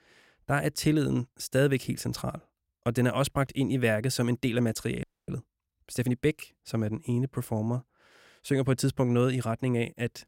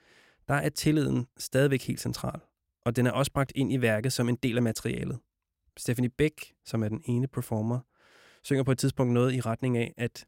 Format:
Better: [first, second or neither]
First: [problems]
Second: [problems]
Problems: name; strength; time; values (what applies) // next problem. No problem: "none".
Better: second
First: audio freezing; at 5 s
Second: none